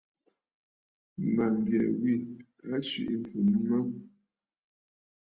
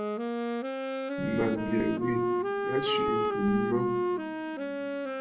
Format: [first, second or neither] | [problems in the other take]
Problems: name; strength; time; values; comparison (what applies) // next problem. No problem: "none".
first | background sound (Wind instrument, woodwind instrument); 2 dB above the speech // room echo; dies away in 1.6 s